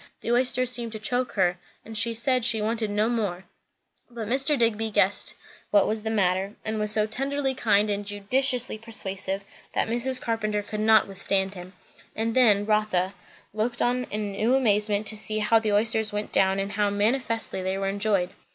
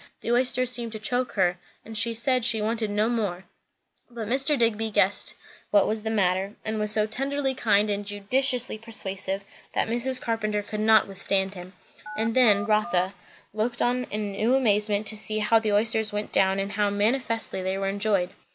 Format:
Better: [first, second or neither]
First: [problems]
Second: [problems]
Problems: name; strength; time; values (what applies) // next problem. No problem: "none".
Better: first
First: none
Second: background sound (Telephone); 10 dB below the speech